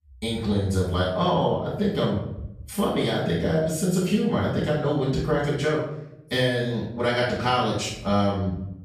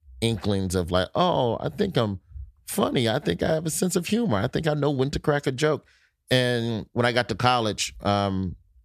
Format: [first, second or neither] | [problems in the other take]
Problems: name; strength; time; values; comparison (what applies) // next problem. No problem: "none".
second | off-mic speech; far // room echo; noticeable; dies away in 0.7 s